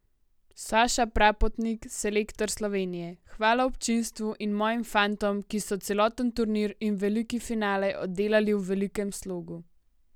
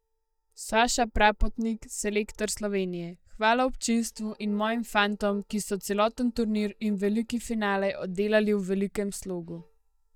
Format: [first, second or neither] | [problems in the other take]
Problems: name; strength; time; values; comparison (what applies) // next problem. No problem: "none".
first | noise reduction (neural mask model DeepFilterNet 3)